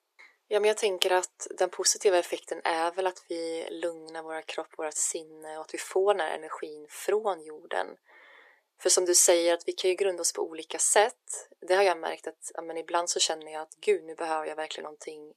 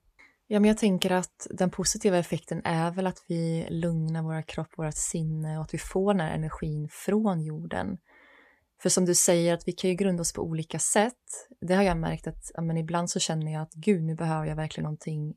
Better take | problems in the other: second | thin; very; fading below 350 Hz

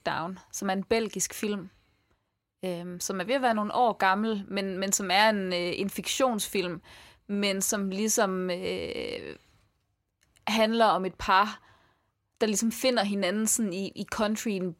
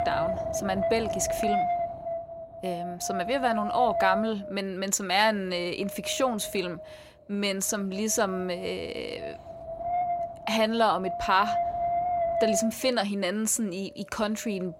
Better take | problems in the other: first | wind noise on the microphone; heavy; 2 dB below the speech

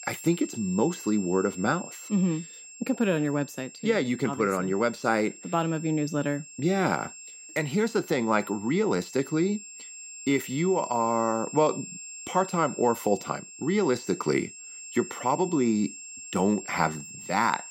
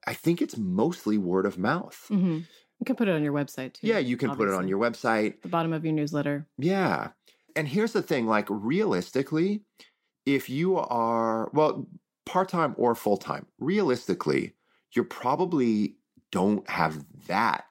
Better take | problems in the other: second | high-pitched whine; noticeable; throughout; 7.5 kHz, 15 dB below the speech

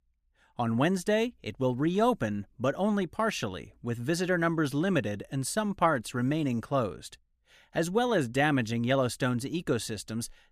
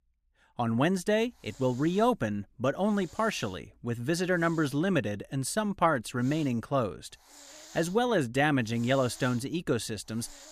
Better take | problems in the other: first | hiss; faint; from 1 to 4.5 s and from 6 s on; 20 dB below the speech

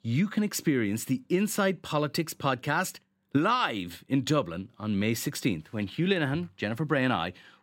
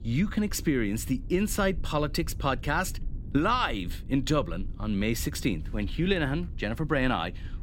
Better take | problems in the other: first | low rumble; faint; throughout; 25 dB below the speech

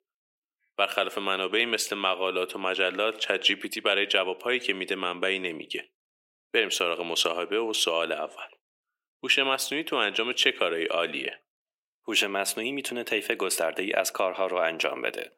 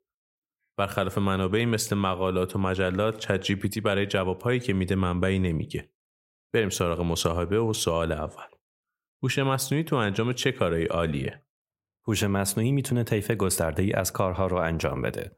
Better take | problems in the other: second | thin; somewhat; fading below 300 Hz

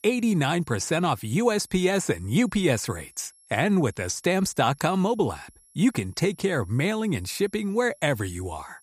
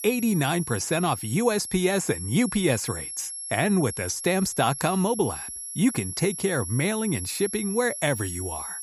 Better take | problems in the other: first | high-pitched whine; loud; throughout; 11 kHz, 7 dB below the speech; faint in the first

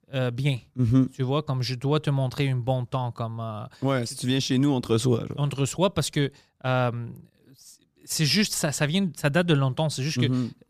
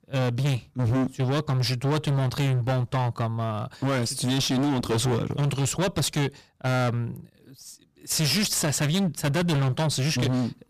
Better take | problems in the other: first | distortion; heavy; 27% of the sound clipped

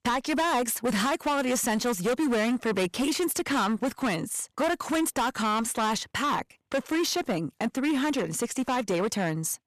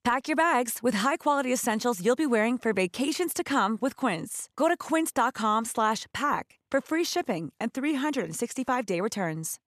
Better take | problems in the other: second | distortion; heavy; 18% of the sound clipped

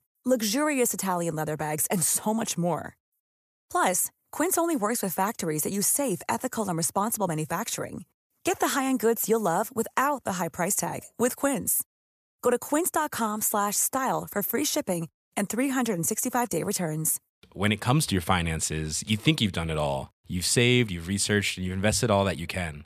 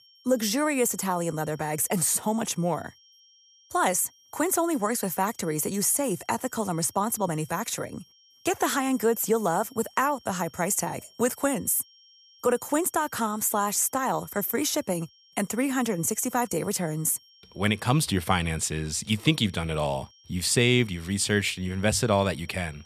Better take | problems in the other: first | high-pitched whine; faint; throughout; 5.5 kHz, 30 dB below the speech

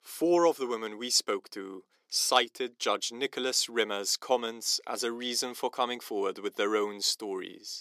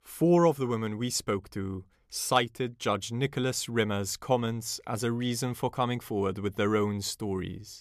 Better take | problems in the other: second | thin; somewhat; fading below 300 Hz

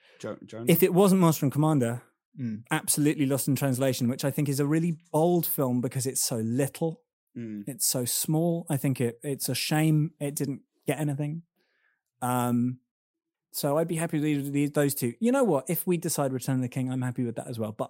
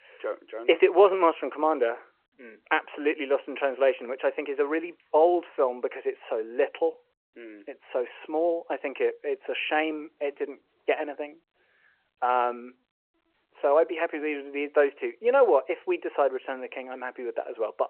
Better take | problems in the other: first | phone-call audio

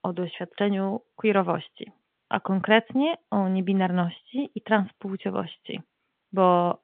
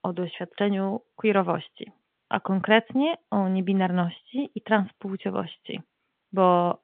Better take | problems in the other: neither | phone-call audio; the same in both

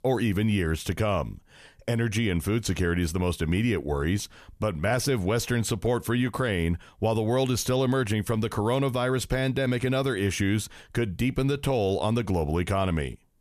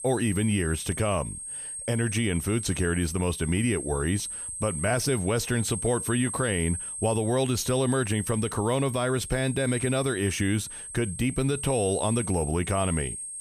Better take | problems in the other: first | high-pitched whine; loud; throughout; 8.5 kHz, 7 dB below the speech

